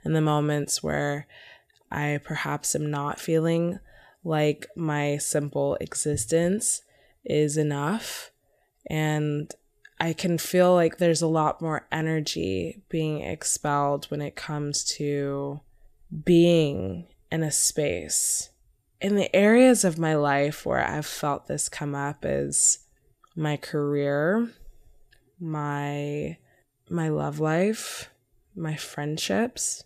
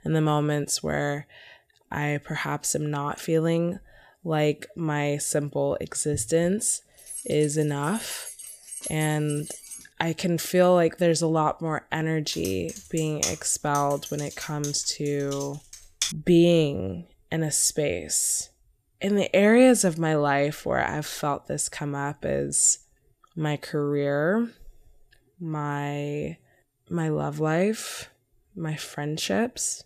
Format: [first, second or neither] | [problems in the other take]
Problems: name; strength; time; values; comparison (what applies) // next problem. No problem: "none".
first | jangling keys; noticeable; from 7 to 10 s; peak 8 dB below the speech // keyboard typing; noticeable; from 12 to 16 s; peak 3 dB below the speech